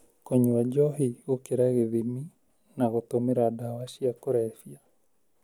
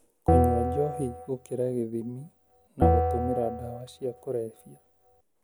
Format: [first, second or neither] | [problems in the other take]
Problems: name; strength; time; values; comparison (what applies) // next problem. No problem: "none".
first | background sound (Bell); 4 dB above the speech